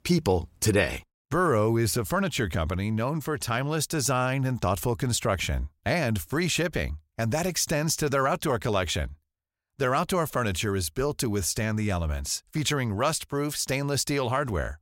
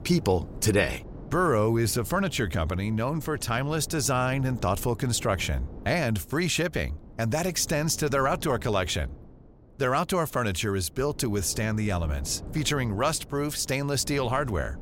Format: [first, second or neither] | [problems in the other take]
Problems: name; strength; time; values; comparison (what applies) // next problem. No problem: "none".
first | wind noise on the microphone; occasional gusts; 20 dB below the speech